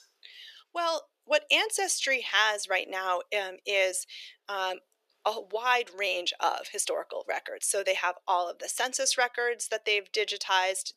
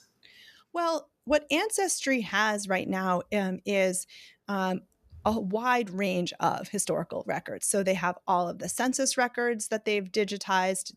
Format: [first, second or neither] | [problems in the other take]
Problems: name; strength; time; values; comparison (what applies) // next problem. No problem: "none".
second | thin; very; fading below 400 Hz